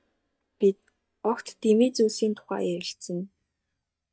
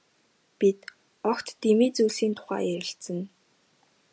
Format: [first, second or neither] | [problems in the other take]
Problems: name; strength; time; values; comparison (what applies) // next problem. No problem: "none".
second | noise reduction (neural mask model DeepFilterNet 3)